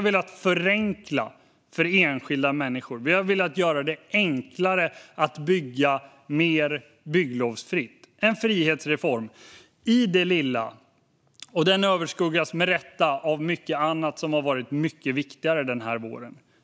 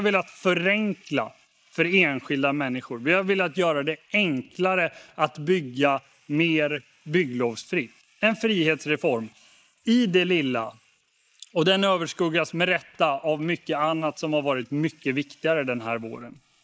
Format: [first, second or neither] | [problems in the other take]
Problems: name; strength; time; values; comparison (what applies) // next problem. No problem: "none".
first | noise reduction (neural mask model Resemble Enhance denoiser)